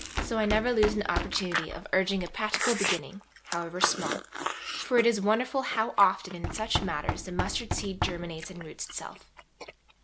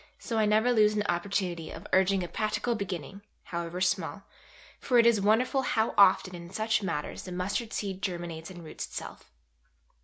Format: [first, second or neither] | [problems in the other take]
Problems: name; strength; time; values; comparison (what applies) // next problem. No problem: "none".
second | background sound (Knock + Chewing, mastication); 5 dB below the speech